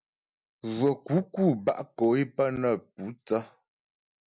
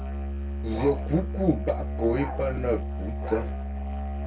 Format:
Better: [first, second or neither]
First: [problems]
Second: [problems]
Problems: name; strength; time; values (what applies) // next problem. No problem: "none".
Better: first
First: none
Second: background sound (Musical instrument); 2 dB below the speech // room echo; dies away in 0.2 s